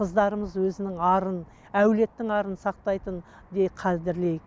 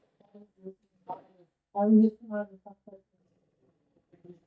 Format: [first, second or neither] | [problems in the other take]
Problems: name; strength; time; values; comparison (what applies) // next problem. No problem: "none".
first | noise reduction (neural mask model DeepFilterNet 3)